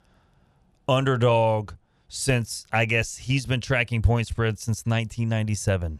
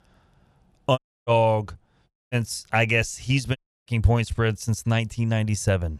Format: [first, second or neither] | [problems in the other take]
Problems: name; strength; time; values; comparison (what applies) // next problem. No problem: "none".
first | audio cutting out; at 1 s, at 2 s and at 3.5 s